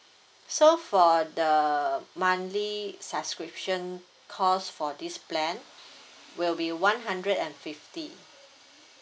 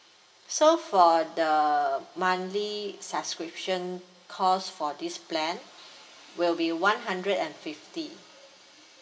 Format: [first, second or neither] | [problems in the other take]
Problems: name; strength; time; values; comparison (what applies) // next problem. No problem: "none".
first | room echo; dies away in 2.3 s